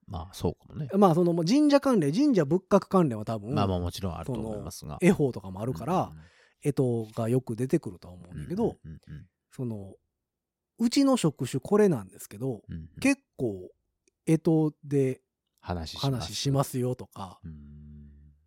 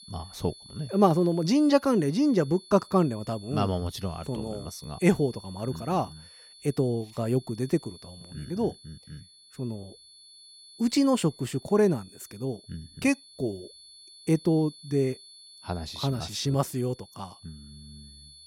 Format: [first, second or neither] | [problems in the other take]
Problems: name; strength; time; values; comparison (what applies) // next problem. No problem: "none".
first | high-pitched whine; faint; throughout; 4.5 kHz, 20 dB below the speech